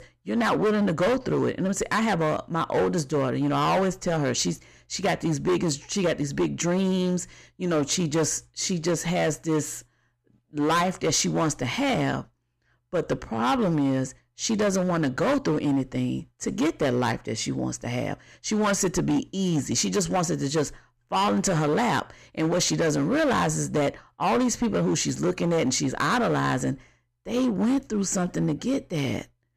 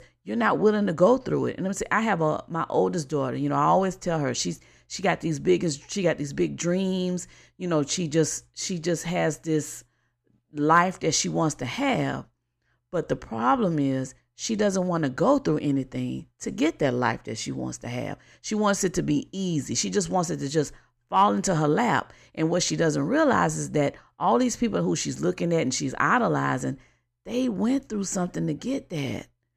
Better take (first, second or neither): second